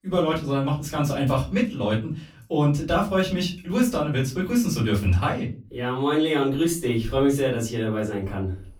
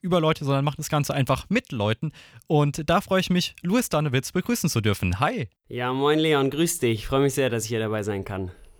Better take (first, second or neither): second